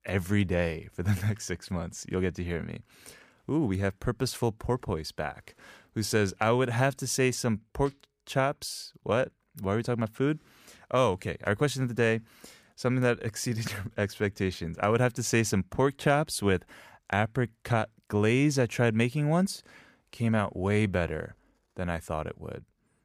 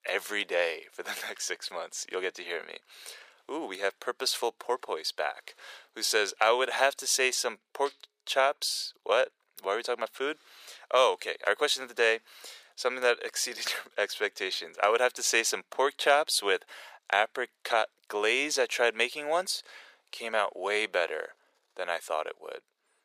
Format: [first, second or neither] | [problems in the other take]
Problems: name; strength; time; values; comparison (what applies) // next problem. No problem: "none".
first | thin; very; fading below 450 Hz